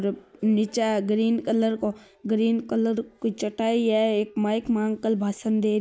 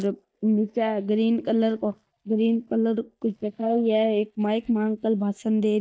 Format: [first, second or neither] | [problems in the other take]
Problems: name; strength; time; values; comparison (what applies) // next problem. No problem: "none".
first | noise reduction (neural mask model DeepFilterNet 3)